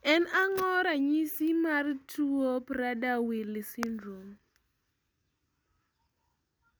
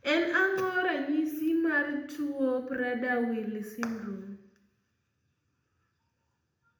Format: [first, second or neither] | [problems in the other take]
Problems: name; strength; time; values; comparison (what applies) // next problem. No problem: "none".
first | room echo; dies away in 0.8 s